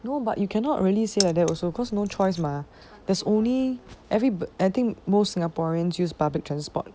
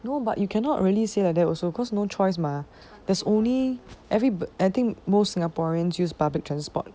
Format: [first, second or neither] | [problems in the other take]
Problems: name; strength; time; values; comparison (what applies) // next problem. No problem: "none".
second | background sound (Keys jangling); 10 dB below the speech